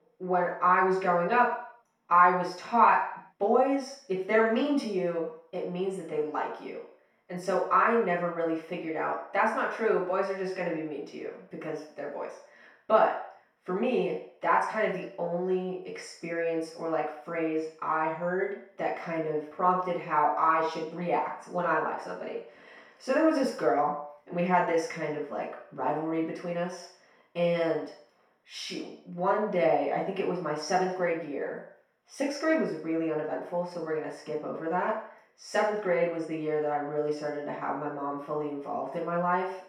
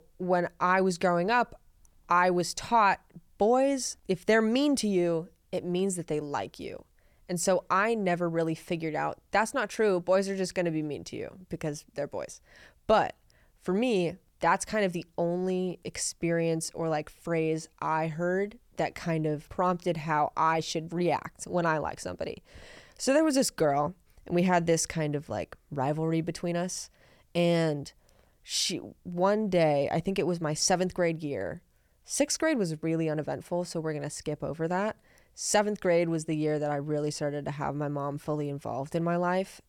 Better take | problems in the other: second | room echo; noticeable; dies away in 0.6 s // off-mic speech; far

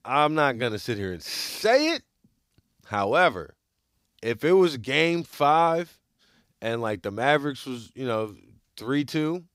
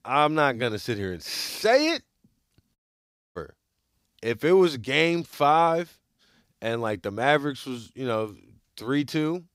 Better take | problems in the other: first | audio cutting out; at 3 s for 0.5 s

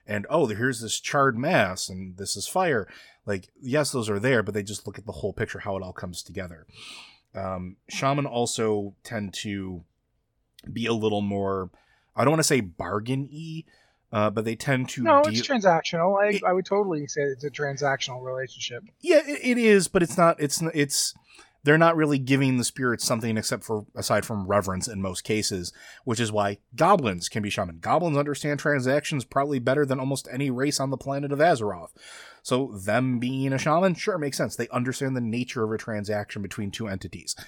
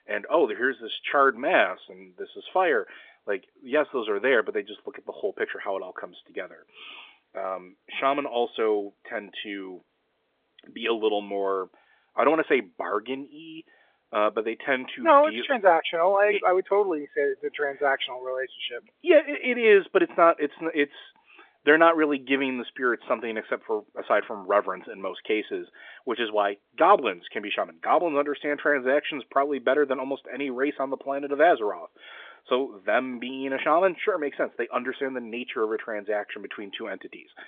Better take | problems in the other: first | phone-call audio; nothing above 3.5 kHz

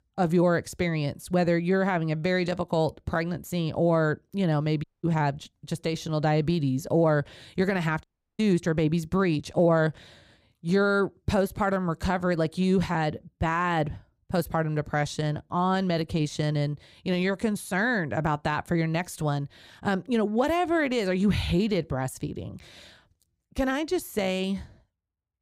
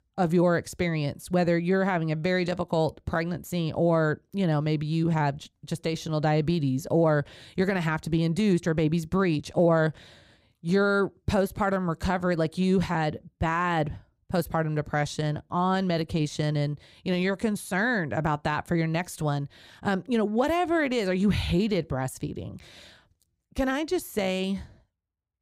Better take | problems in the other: second | audio cutting out; at 5 s and at 8 s

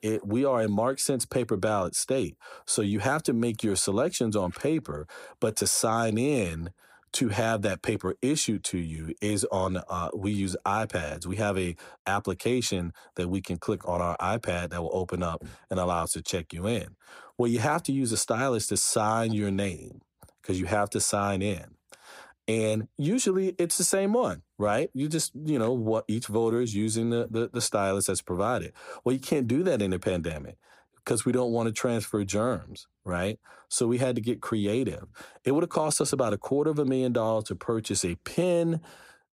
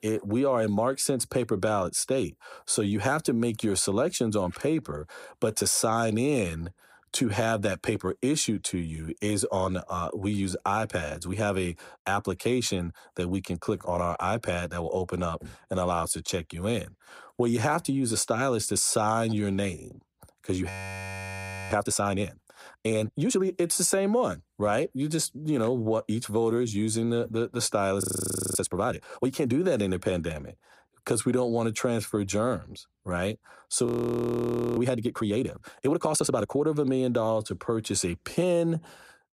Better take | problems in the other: first | audio freezing; at 21 s for 1 s, at 28 s for 0.5 s and at 34 s for 1 s

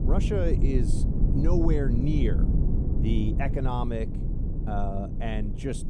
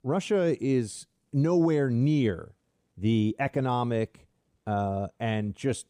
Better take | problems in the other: second | low rumble; loud; throughout; 6 dB below the speech

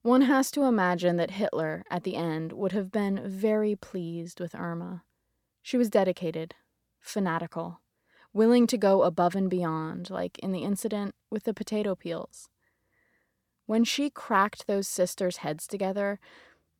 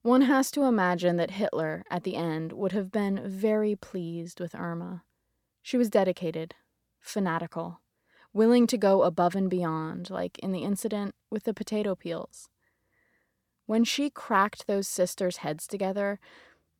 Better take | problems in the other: neither | none

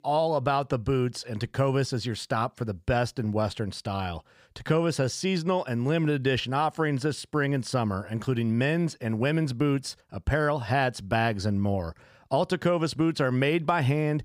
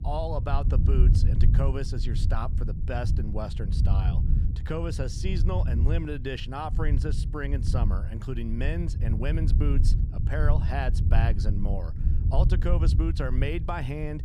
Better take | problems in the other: first | low rumble; loud; throughout; 7 dB below the speech

